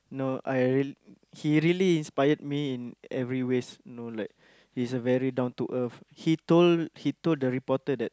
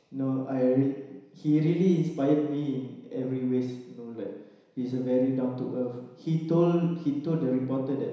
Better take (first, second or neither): first